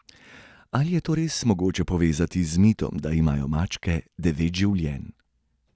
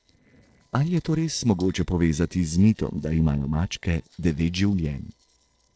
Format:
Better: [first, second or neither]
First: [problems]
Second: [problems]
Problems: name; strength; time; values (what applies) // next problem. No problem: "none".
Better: first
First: none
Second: noise reduction (neural separator model SepFormer DNS4)